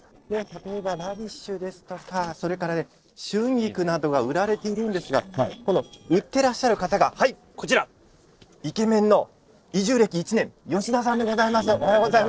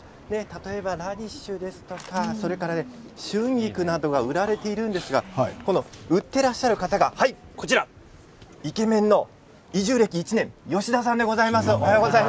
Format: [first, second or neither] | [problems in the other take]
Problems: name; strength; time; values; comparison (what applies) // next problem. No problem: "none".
second | noise reduction (neural separator model SepFormer DNS4)